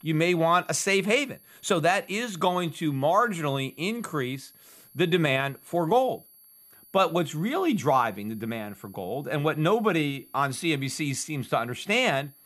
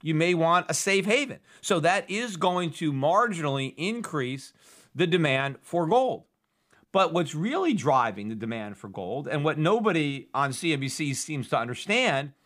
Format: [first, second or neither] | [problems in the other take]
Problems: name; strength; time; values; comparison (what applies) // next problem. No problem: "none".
second | high-pitched whine; faint; throughout; 11.5 kHz, 25 dB below the speech